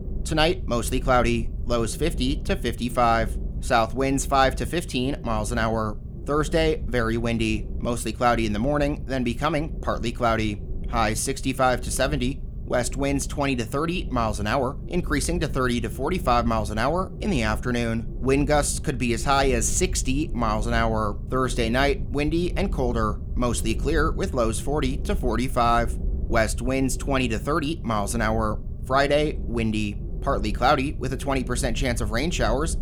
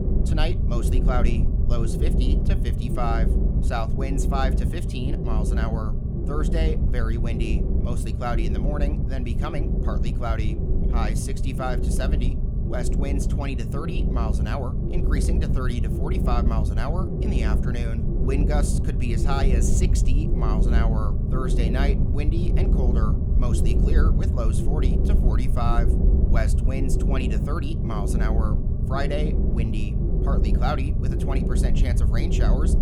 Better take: first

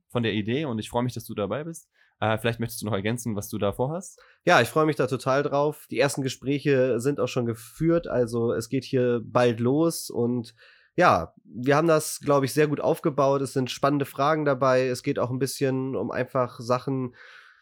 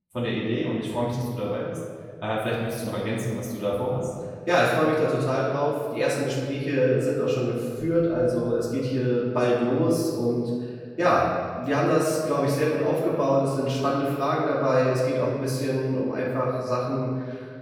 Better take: first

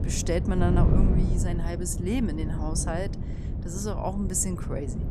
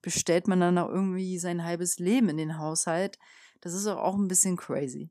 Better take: second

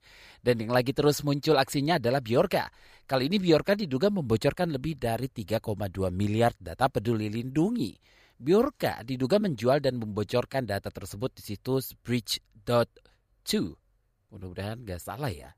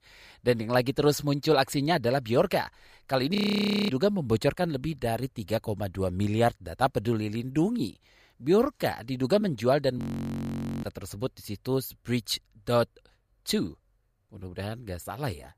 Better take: first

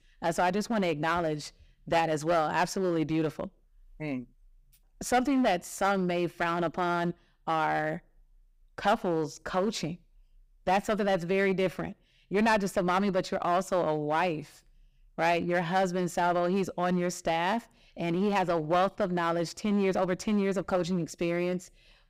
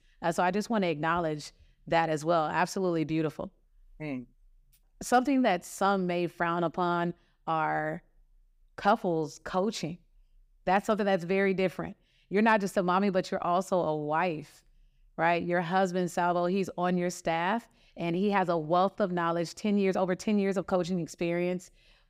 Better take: second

